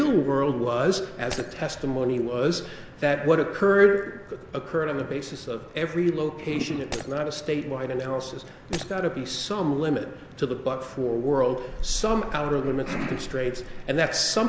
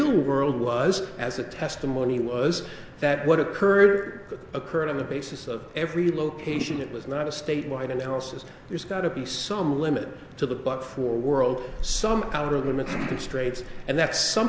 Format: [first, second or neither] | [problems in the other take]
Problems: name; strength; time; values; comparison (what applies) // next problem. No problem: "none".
second | background sound (Shatter); 17 dB below the speech